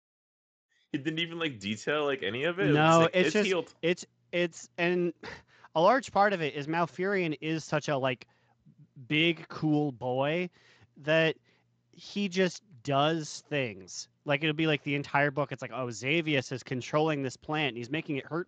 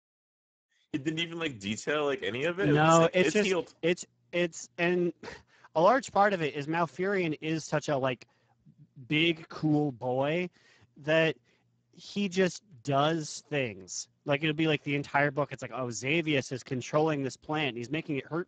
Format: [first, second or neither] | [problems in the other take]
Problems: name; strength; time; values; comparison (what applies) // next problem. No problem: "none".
first | garbled, watery; badly; nothing above 7.5 kHz; slightly in the first